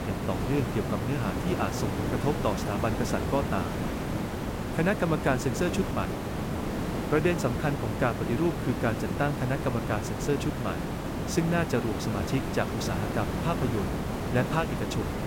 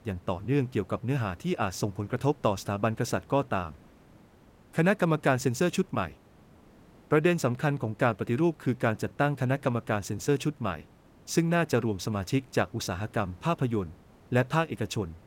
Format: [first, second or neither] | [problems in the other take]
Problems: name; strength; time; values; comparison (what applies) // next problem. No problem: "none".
second | hiss; loud; throughout; 2 dB below the speech; faint in the second